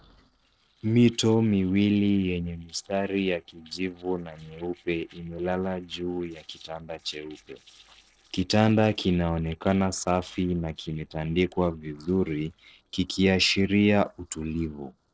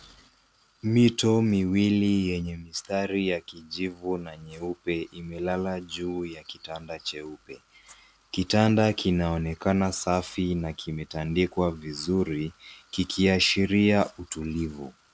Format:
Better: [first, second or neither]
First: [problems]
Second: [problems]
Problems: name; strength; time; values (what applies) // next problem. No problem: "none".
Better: second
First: noise reduction (neural separator model SepFormer DNS4)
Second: none